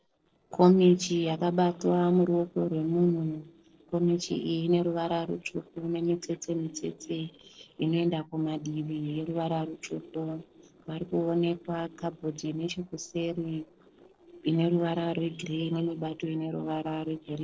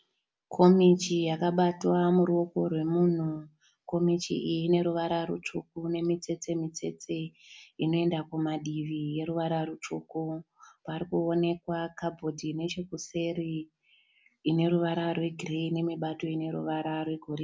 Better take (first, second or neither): second